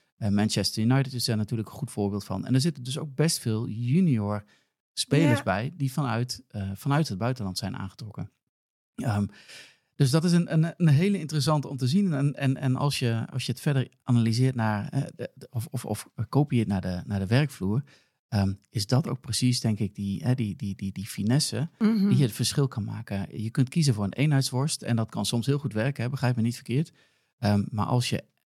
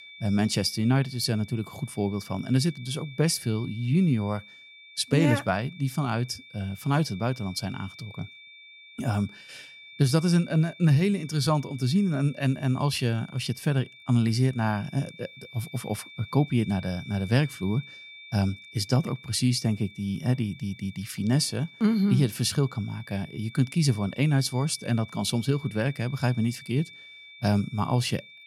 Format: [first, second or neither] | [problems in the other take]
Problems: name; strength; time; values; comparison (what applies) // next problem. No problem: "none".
first | high-pitched whine; noticeable; throughout; 2.5 kHz, 20 dB below the speech